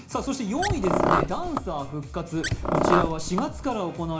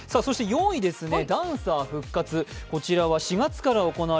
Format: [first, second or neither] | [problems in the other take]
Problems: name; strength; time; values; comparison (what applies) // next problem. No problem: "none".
second | background sound (Car); 3 dB above the speech // room echo; dies away in 0.4 s